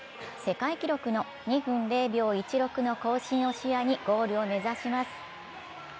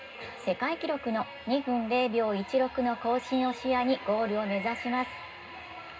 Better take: first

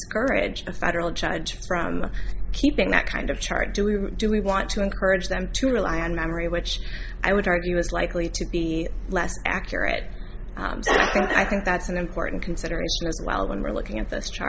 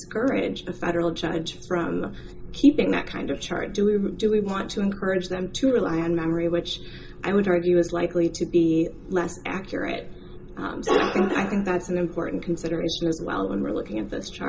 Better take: first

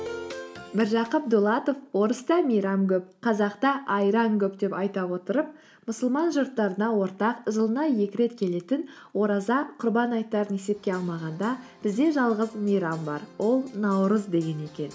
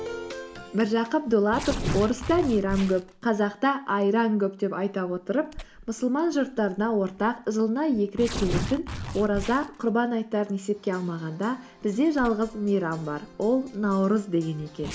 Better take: first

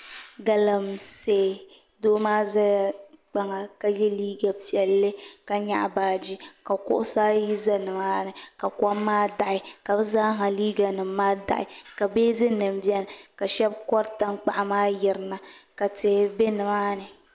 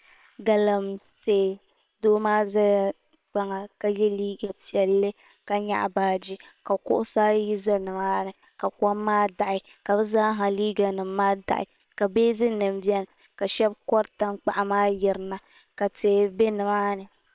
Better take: first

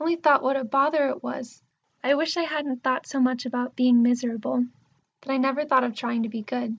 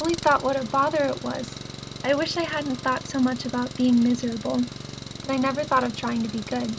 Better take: first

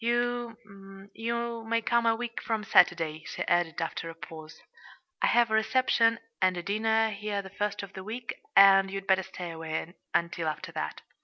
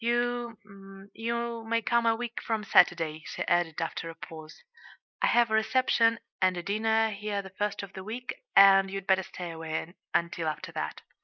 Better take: first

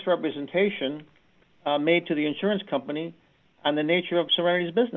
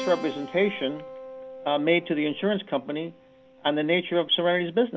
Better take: first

